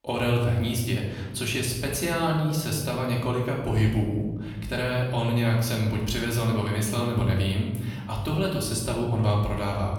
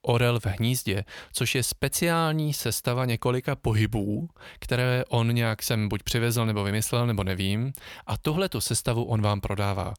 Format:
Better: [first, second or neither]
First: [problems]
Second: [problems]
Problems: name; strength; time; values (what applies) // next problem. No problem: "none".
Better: second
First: off-mic speech; far // room echo; noticeable; dies away in 1.1 s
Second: none